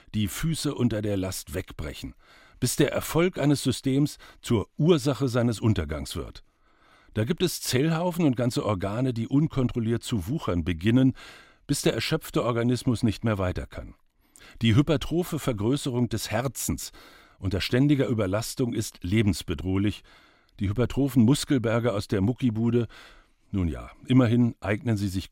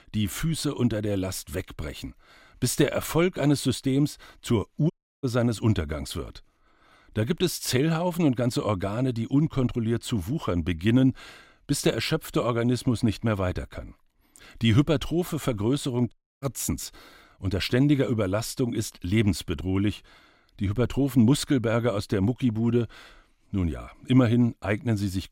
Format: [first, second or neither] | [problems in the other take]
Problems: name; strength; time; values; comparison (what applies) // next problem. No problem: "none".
first | audio cutting out; at 5 s and at 16 s